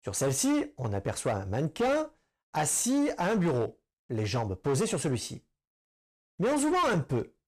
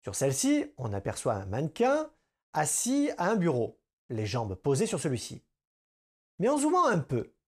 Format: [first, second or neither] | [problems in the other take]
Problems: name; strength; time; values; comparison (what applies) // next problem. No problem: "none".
second | distortion; slight; 11% of the sound clipped